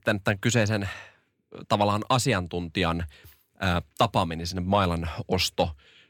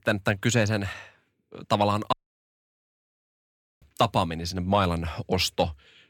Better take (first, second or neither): first